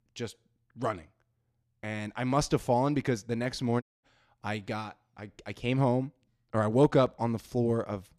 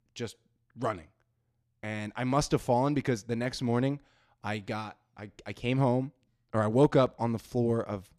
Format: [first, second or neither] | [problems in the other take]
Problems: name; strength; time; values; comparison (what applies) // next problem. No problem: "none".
second | audio cutting out; at 4 s